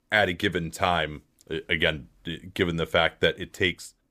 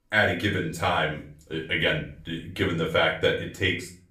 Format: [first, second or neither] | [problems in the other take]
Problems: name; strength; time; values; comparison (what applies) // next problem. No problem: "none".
first | off-mic speech; far // room echo; slight; dies away in 0.4 s